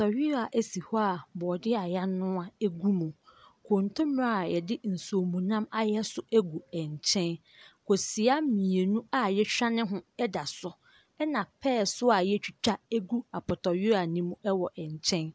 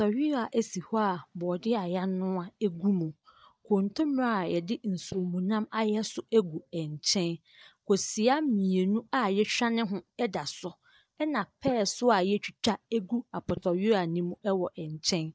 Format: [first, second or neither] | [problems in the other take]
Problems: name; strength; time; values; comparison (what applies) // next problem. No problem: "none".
first | noise reduction (neural mask model DeepFilterNet 3)